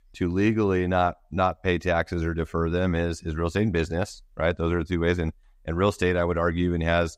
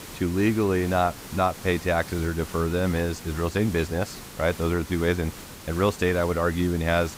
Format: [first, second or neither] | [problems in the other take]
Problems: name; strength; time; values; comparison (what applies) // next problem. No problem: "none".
first | hiss; noticeable; throughout; 15 dB below the speech